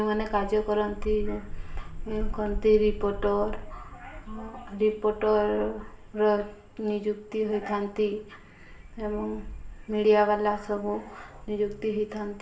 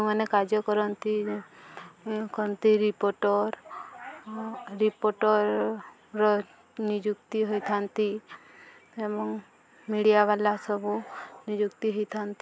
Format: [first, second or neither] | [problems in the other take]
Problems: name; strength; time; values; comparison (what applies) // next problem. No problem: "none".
second | background sound (Wind); 9 dB below the speech // room echo; dies away in 0.5 s